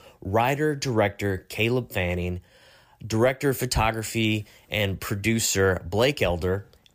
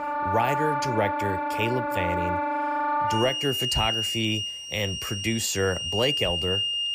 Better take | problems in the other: first | background music; very loud; throughout; 1 dB above the speech

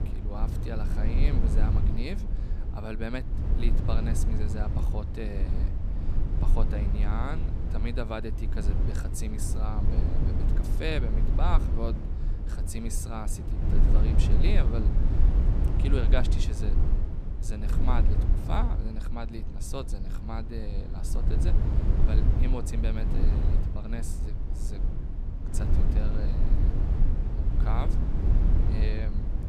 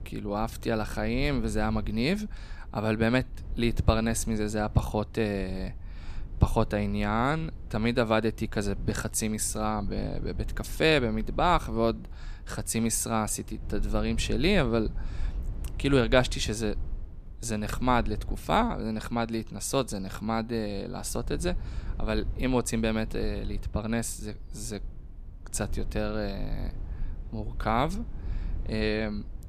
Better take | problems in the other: second | low rumble; loud; throughout; 3 dB below the speech; faint in the second

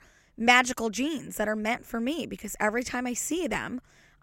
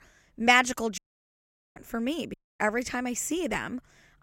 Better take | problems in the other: first | audio cutting out; at 1 s for 1 s and at 2.5 s

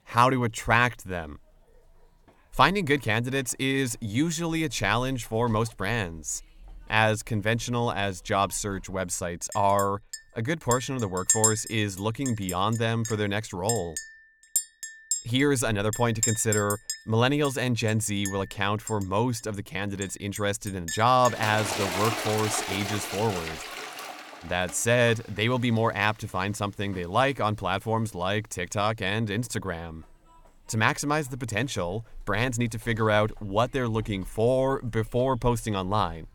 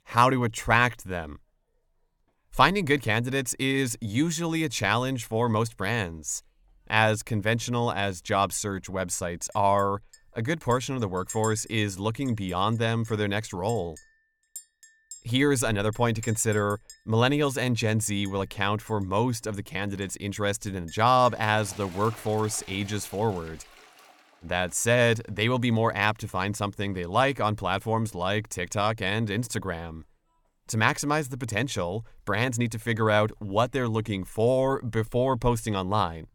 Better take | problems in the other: second | household noises; loud; throughout; 5 dB below the speech; faint in the second

